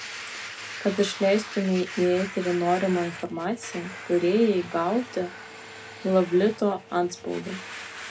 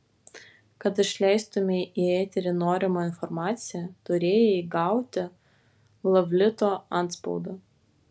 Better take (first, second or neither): second